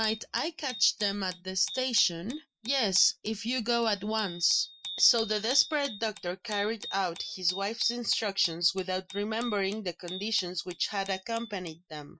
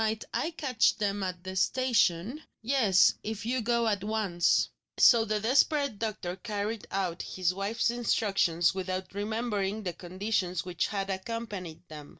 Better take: second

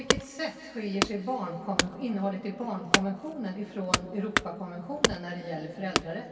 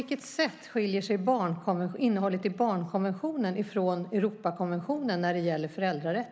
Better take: second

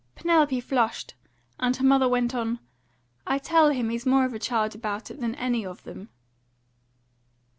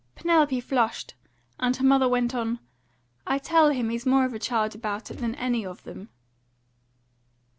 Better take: first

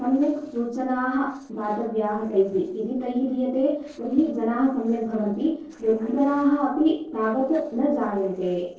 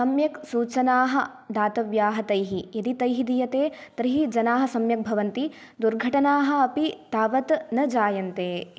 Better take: second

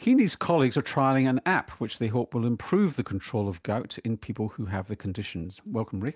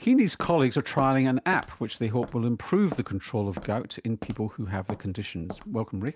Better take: first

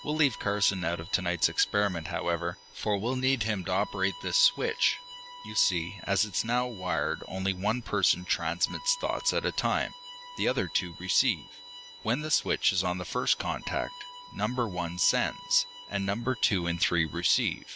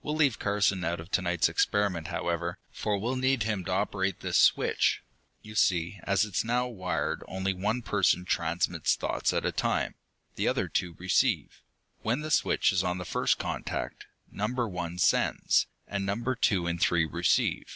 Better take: second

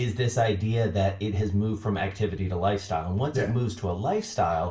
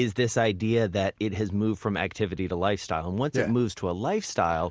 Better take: second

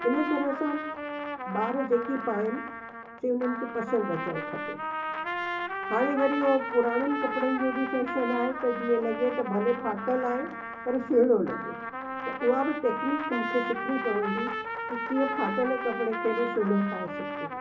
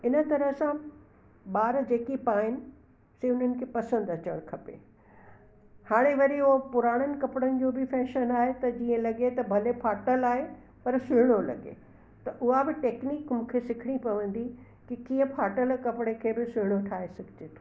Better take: second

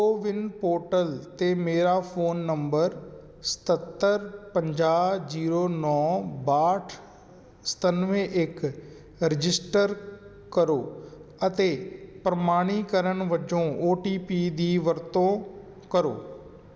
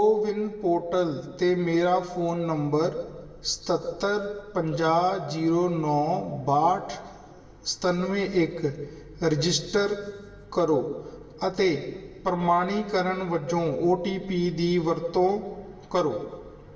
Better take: first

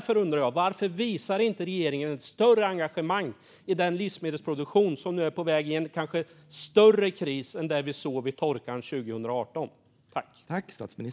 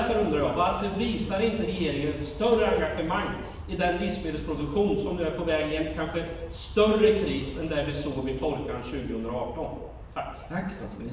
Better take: first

